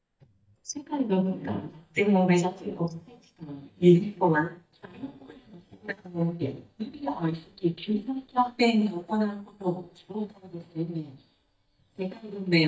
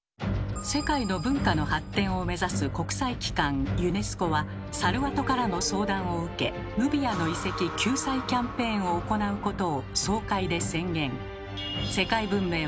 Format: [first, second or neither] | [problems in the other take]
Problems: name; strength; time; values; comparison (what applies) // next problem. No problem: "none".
second | noise reduction (neural mask model DeepFilterNet 3)